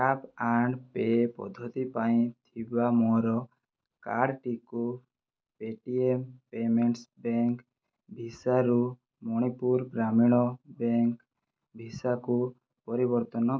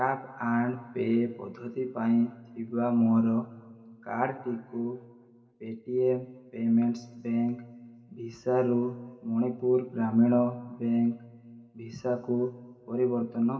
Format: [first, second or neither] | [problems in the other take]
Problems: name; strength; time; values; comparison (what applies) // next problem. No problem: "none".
first | room echo; dies away in 1.5 s